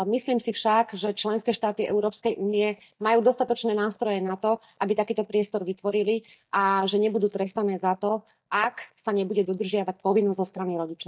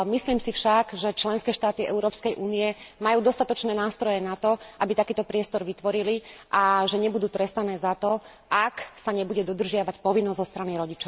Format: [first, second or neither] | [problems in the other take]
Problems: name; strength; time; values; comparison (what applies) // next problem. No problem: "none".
second | noise reduction (neural mask model DeepFilterNet 3)